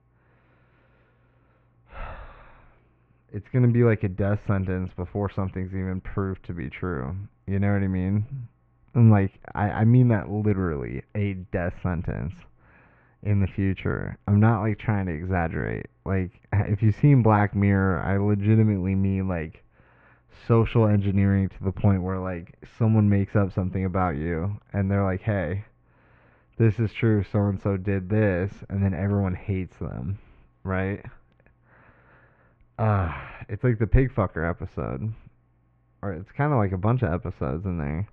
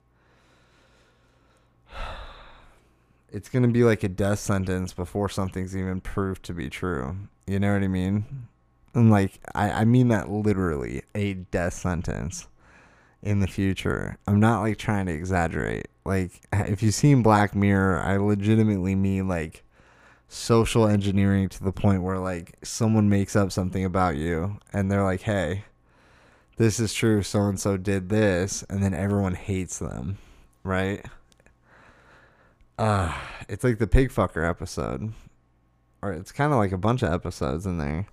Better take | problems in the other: second | muffled; very; fading above 2.5 kHz

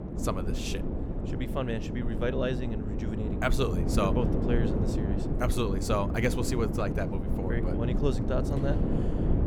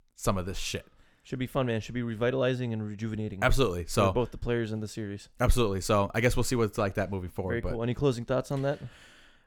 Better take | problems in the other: second | wind noise on the microphone; heavy; 4 dB below the speech

